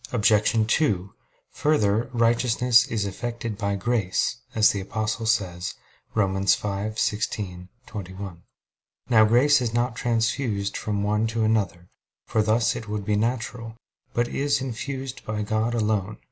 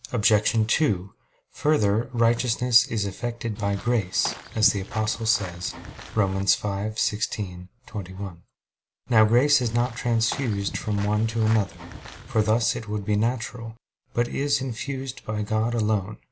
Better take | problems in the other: first | background sound (Walk, footsteps / Bird vocalization, bird call, bird song); 14 dB below the speech

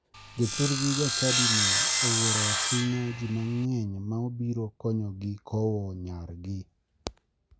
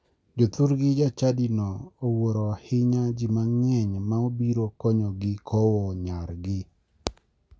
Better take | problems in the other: second | background sound (Sawing); 3 dB above the speech

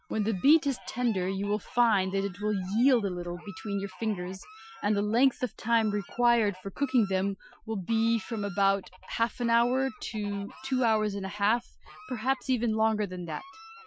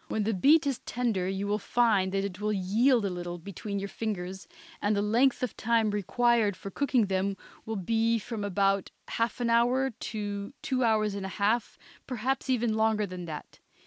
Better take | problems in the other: second | noise reduction (classical method Wiener filter)

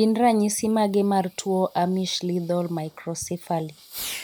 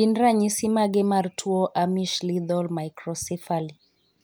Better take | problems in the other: second | background sound (Fireworks); 19 dB below the speech

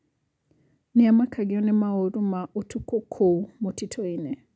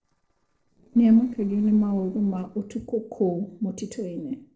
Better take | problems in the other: first | noise reduction (neural separator model SepFormer DNS4)

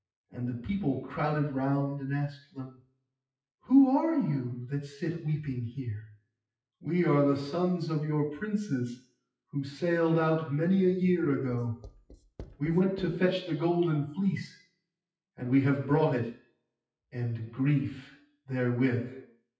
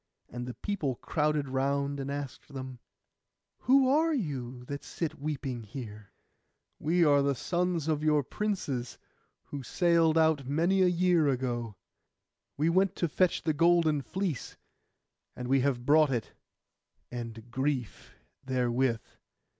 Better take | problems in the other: second | noise reduction (classical method WPE with log-MMSE)

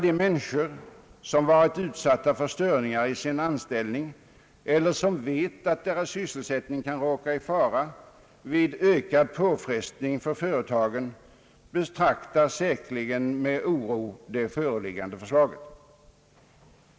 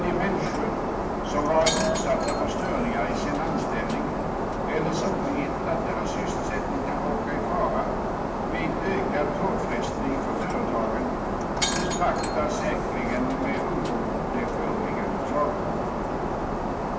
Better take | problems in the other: first | background sound (Shatter); 3 dB above the speech // room echo; dies away in 2.3 s

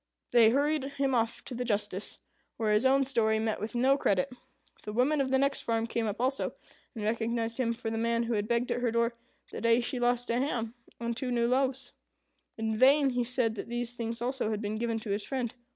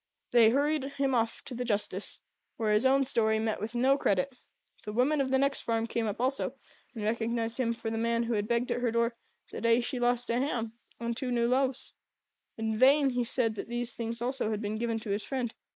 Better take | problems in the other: first | noise reduction (neural mask model Resemble Enhance denoiser)

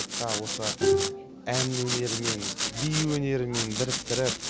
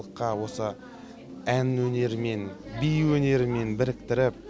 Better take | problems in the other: second | background sound (Bowed string instrument + Domestic sounds, home sounds); as loud as the speech

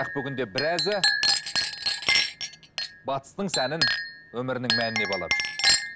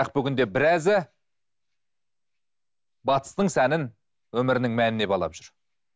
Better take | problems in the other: second | background sound (Chink, clink); 5 dB above the speech

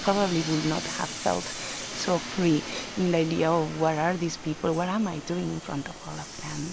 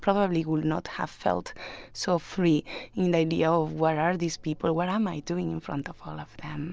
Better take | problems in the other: second | background sound (Train); 10 dB below the speech

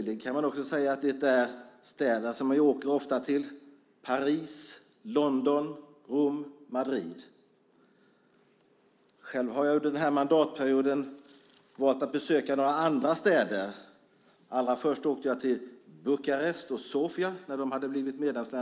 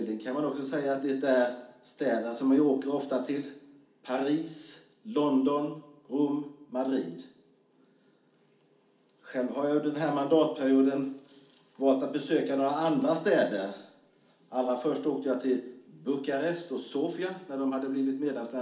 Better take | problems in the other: first | room echo; dies away in 0.4 s

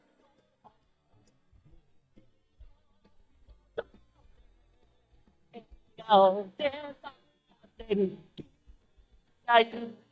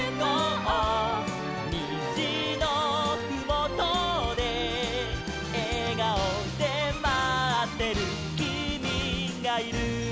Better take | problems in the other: second | noise reduction (neural mask model DeepFilterNet 3)

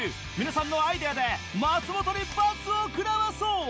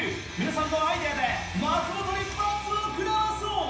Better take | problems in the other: first | background sound (Idling / Engine starting); 20 dB below the speech // room echo; dies away in 0.9 s

